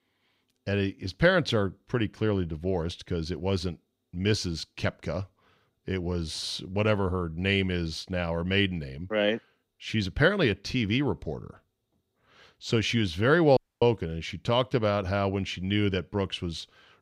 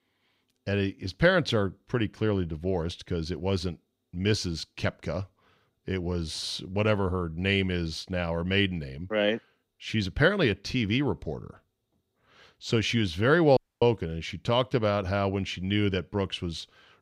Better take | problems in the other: neither | audio cutting out; at 14 s; the same in both

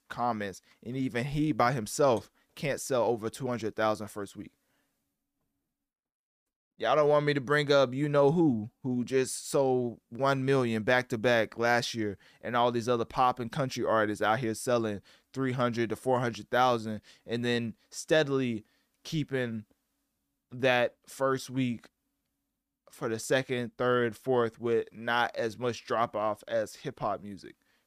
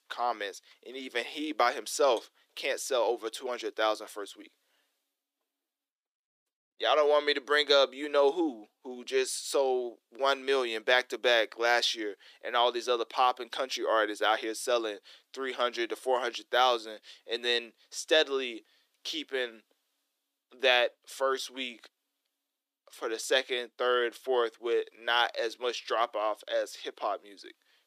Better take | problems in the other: first | thin; very; fading below 350 Hz

